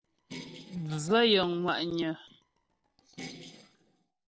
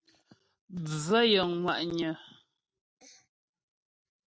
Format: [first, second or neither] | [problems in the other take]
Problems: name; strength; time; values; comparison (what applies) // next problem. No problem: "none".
second | noise reduction (neural separator model SepFormer DNS4)